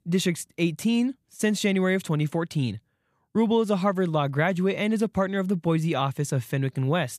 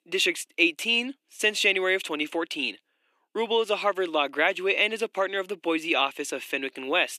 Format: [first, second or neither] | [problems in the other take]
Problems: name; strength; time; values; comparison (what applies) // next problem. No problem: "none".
first | thin; very; fading below 300 Hz